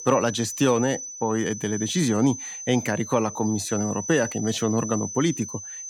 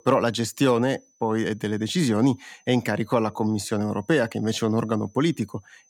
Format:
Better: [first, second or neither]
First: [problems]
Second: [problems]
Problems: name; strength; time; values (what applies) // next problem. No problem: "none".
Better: second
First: high-pitched whine; loud; throughout; 6 kHz, 8 dB below the speech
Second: high-pitched whine; faint; throughout; 6 kHz, 35 dB below the speech